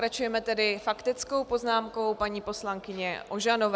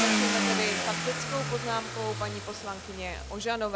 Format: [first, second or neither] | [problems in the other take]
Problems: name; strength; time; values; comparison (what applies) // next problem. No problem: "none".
first | background sound (Car); 2 dB above the speech